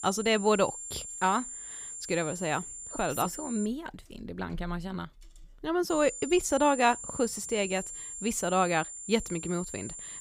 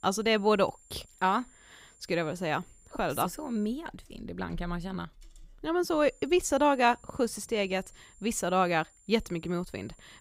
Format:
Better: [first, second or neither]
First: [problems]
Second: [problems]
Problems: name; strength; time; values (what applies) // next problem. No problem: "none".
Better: second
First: high-pitched whine; loud; until 3.5 s and from 6 s on; 7.5 kHz, 9 dB below the speech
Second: high-pitched whine; faint; until 3.5 s and from 6 s on; 7.5 kHz, 30 dB below the speech